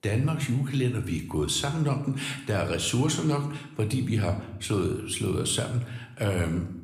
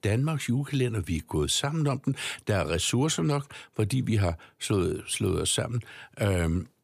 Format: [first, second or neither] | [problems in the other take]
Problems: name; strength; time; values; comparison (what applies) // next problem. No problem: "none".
second | room echo; slight; dies away in 0.6 s